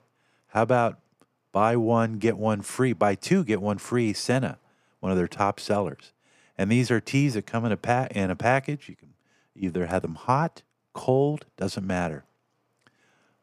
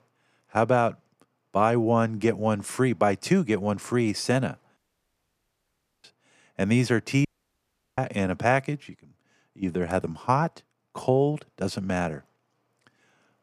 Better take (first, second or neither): first